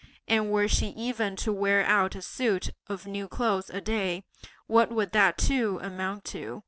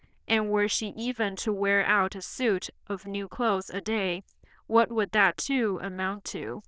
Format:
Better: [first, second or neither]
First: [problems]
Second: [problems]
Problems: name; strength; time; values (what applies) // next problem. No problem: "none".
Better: first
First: none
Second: noise reduction (neural diffusion model UNIVERSE++)